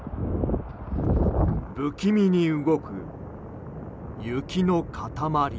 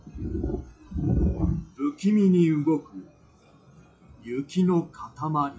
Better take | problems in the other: first | noise reduction (classical method WPE with log-MMSE)

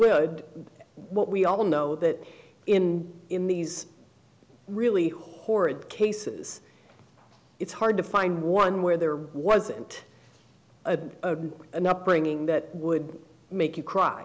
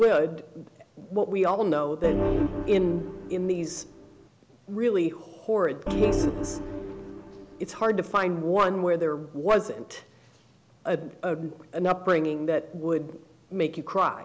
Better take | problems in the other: first | background sound (Organ); 3 dB below the speech

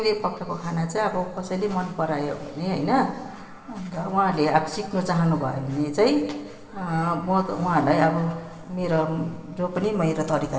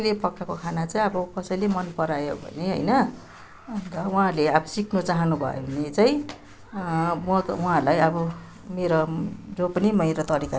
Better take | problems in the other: second | room echo; dies away in 2 s

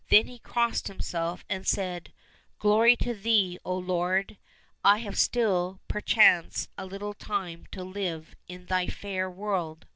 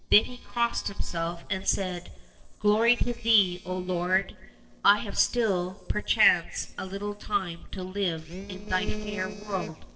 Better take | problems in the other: first | noise reduction (neural separator model SepFormer DNS4)

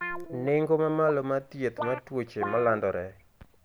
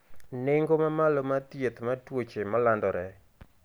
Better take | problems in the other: second | background sound (Guitar); 10 dB below the speech

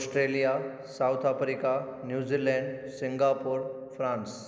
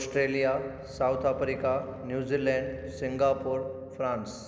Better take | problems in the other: first | background sound (Motorcycle / Crow); 17 dB below the speech

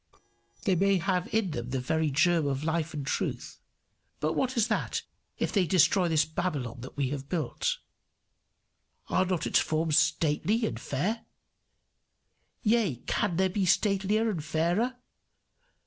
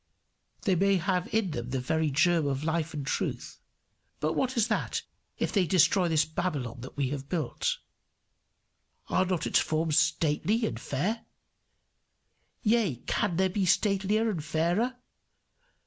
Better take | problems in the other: second | noise reduction (neural separator model SepFormer DNS4)

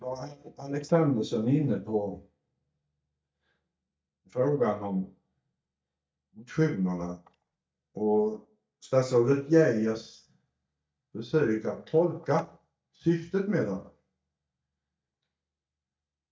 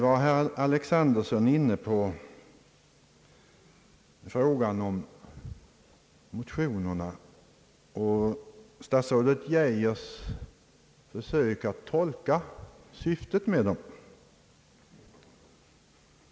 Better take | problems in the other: second | noise reduction (neural mask model DeepFilterNet 3)

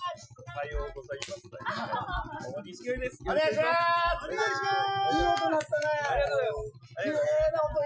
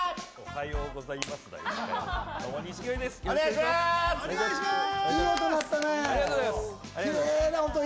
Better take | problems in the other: second | noise reduction (classical method Wiener filter)

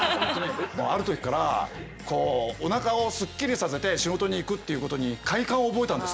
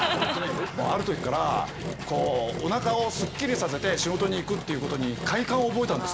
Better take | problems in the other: first | background sound (Engine); 8 dB below the speech

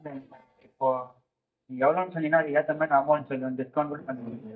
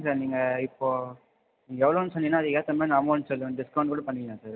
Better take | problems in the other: second | noise reduction (neural mask model DeepFilterNet 3)

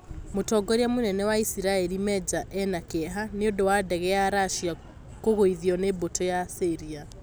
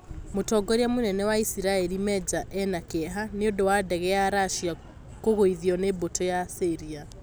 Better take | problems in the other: first | background sound (Splash, splatter); 19 dB below the speech

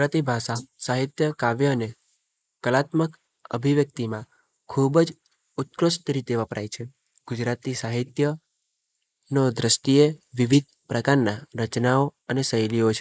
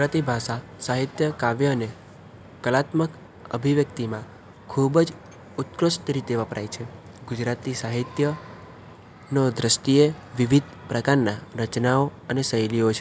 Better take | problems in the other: second | noise reduction (neural mask model Resemble Enhance denoiser)

